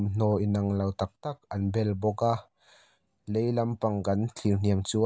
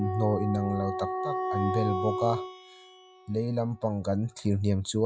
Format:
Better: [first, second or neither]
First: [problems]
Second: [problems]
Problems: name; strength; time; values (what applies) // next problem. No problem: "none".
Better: first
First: none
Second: noise reduction (classical method log-MMSE)